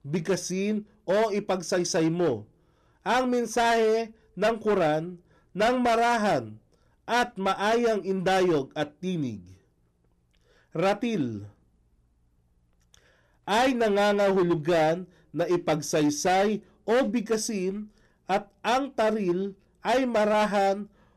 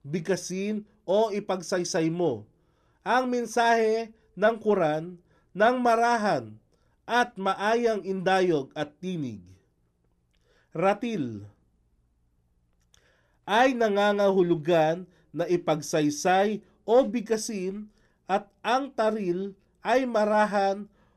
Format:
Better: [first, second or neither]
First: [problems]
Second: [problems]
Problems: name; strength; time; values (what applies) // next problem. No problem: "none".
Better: second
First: distortion; slight; 10% of the sound clipped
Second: none